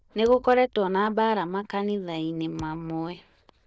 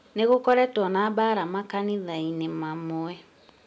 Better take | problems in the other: second | noise reduction (neural diffusion model UNIVERSE++)

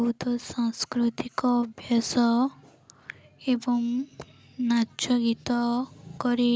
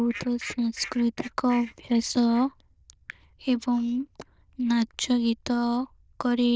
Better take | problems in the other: first | noise reduction (neural diffusion model UNIVERSE++)

